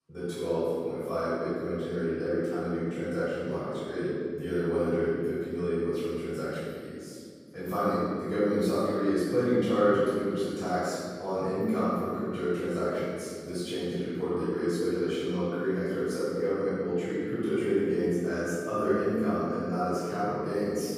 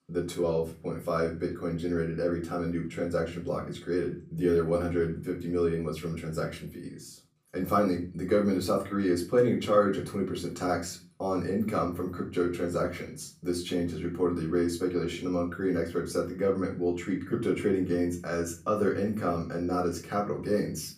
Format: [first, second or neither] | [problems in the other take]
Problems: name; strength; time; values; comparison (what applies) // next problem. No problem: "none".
second | room echo; strong; dies away in 1.9 s; slight in the second // off-mic speech; far; far in the second